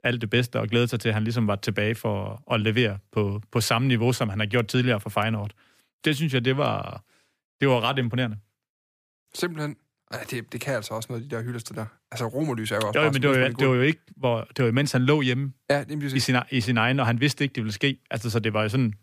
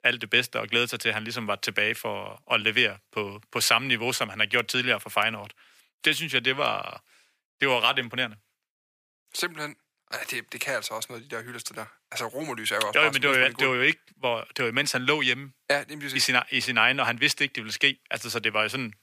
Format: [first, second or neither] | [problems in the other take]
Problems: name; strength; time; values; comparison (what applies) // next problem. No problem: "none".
first | thin; somewhat; fading below 1 kHz